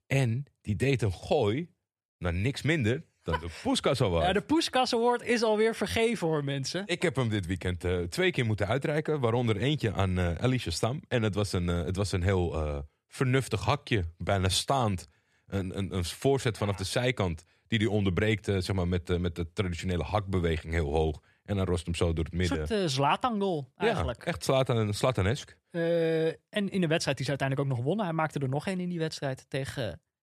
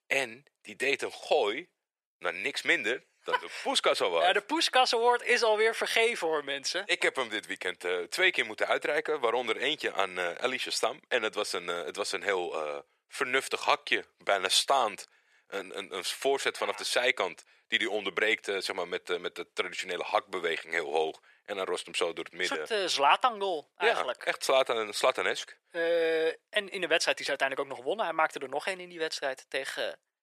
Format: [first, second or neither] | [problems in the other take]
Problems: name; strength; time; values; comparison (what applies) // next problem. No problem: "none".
first | thin; very; fading below 450 Hz